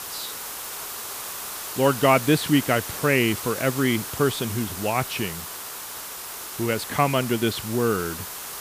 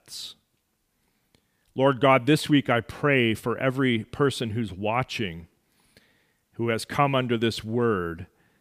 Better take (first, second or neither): second